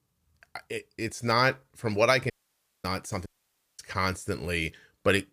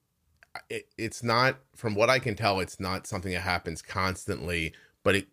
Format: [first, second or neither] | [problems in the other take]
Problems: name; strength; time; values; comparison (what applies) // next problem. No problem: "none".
second | audio cutting out; at 2.5 s for 0.5 s and at 3.5 s for 0.5 s